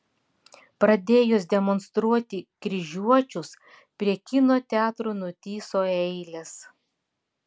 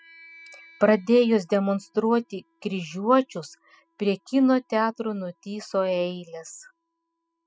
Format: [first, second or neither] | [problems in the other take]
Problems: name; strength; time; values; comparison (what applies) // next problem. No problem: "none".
first | noise reduction (classical method spectral subtraction)